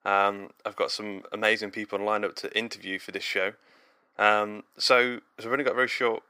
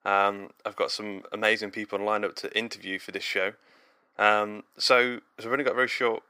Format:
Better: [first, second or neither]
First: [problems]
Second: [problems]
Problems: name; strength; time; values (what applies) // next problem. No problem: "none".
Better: neither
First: thin; somewhat; fading below 400 Hz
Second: thin; somewhat; fading below 400 Hz